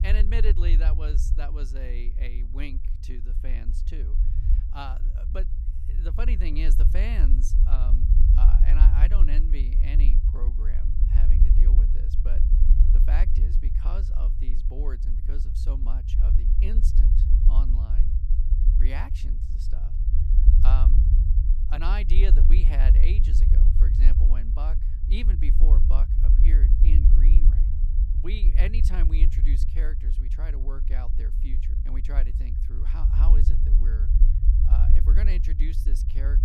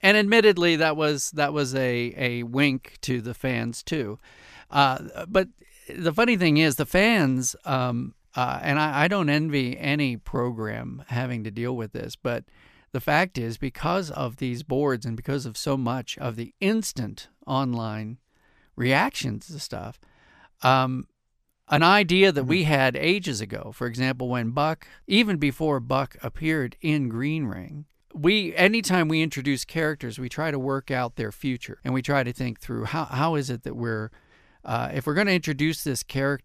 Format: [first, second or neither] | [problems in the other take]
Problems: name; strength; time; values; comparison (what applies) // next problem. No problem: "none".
second | low rumble; loud; throughout; 4 dB below the speech